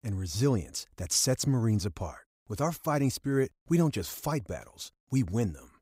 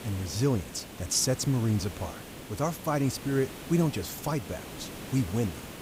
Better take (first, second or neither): first